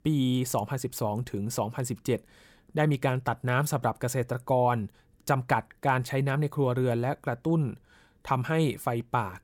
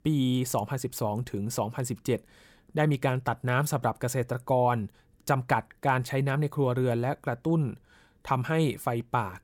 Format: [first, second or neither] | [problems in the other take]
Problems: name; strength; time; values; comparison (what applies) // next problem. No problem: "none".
neither | none